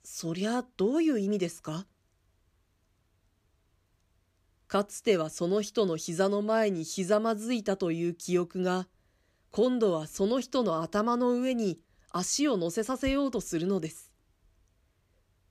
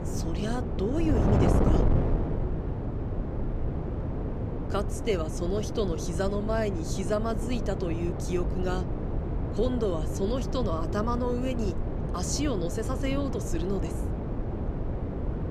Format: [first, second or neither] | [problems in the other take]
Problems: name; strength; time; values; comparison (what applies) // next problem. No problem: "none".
first | wind noise on the microphone; heavy; 4 dB below the speech